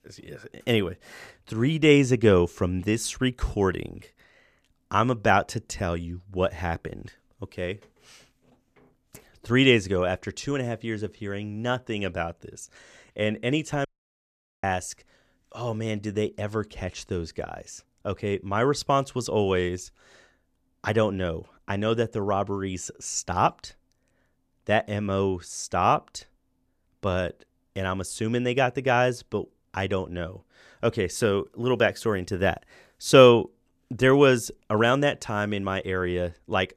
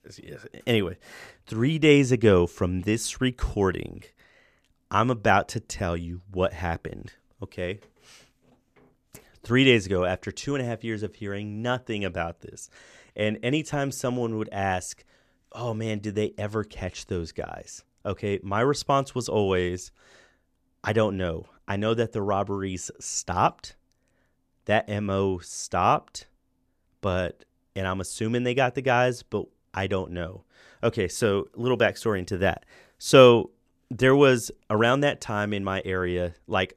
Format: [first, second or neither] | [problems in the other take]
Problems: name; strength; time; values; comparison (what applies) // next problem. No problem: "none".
second | audio cutting out; at 14 s for 1 s